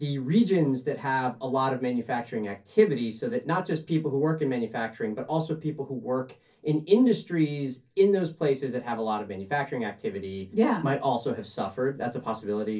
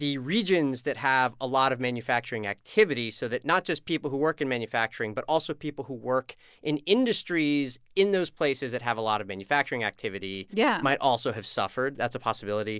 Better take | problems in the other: second | room echo; dies away in 0.3 s

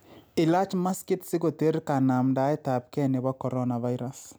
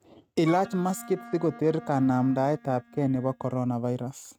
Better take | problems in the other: first | noise reduction (neural mask model RNNoise)

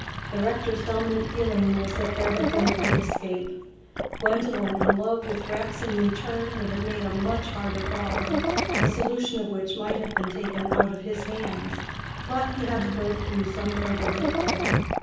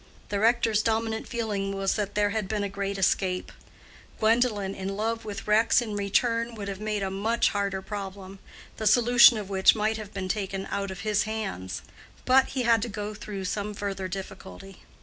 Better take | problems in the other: second | background sound (Sink (filling or washing)); as loud as the speech // room echo; dies away in 0.9 s

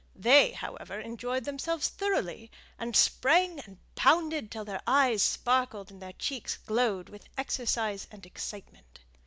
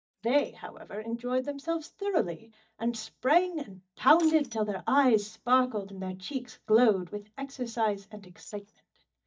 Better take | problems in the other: first | noise reduction (neural mask model DeepFilterNet 3)

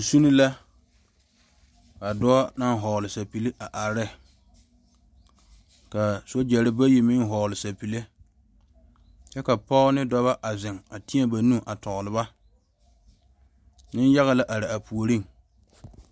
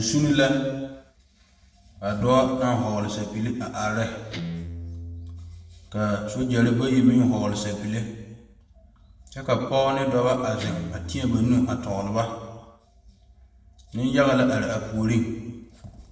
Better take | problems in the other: first | background sound (Guitar); 17 dB below the speech // room echo; dies away in 1.2 s

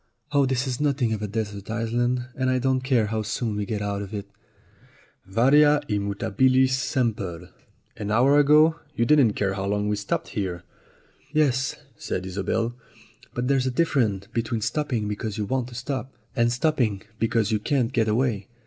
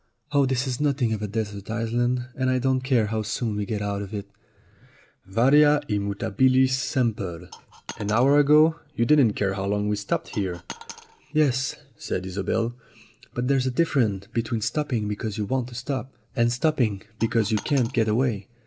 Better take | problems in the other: first | background sound (Coin (dropping)); 17 dB below the speech

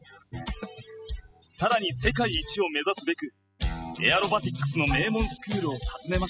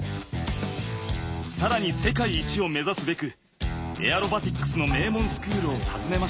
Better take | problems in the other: second | noise reduction (classical method spectral subtraction)

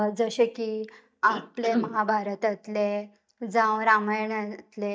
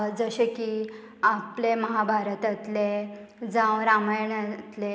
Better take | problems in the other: second | noise reduction (neural mask model DeepFilterNet 3)

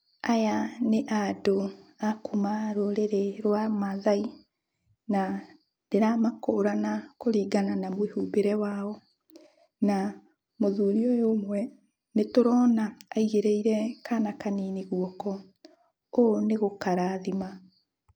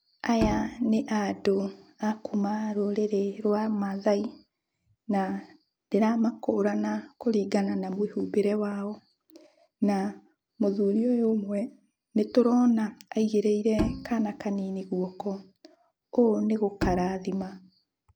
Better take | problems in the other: first | background sound (Bowed string instrument); 8 dB below the speech

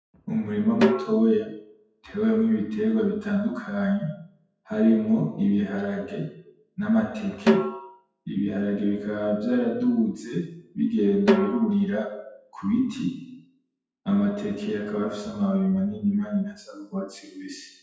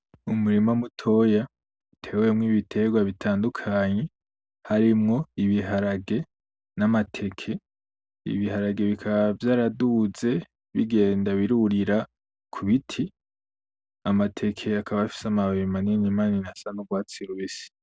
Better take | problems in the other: second | noise reduction (classical method WPE with log-MMSE)

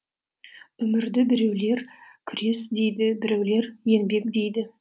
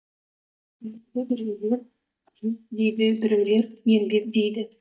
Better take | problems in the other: first | noise reduction (neural mask model DeepFilterNet 3)

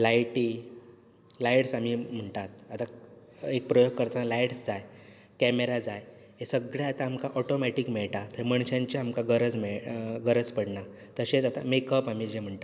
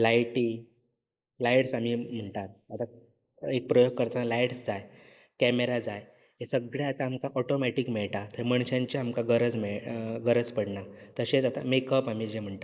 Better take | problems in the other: first | noise reduction (neural mask model Resemble Enhance denoiser)

